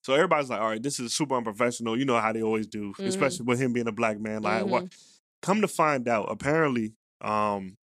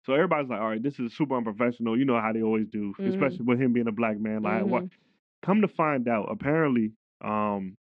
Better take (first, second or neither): first